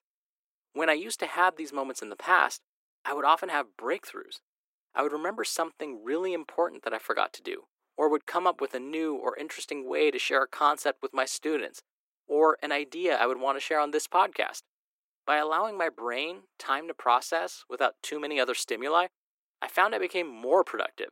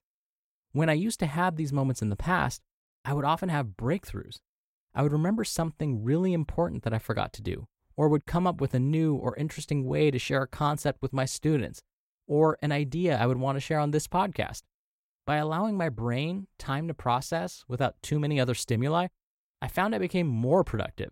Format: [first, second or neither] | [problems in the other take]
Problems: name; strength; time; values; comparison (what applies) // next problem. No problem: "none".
second | thin; very; fading below 300 Hz